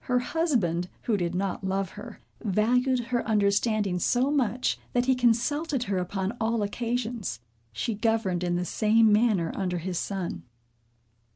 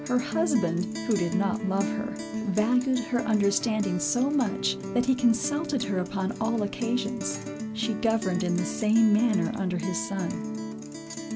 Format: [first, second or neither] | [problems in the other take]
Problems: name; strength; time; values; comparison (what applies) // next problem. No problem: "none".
first | background sound (Guitar); 7 dB below the speech